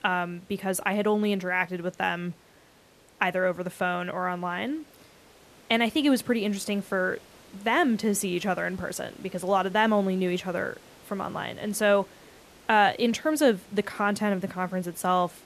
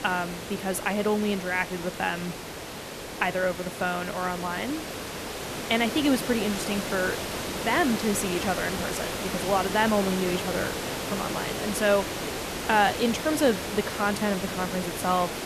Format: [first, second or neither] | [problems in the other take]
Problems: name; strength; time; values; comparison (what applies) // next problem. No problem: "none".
first | hiss; loud; throughout; 5 dB below the speech; faint in the first